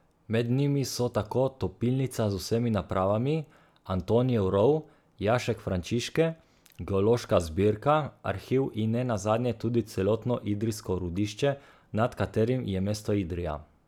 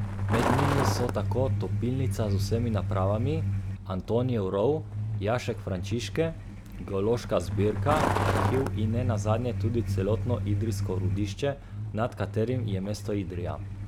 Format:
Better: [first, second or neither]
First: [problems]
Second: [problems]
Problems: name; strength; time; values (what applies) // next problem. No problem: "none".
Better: first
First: none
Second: background sound (Truck); as loud as the speech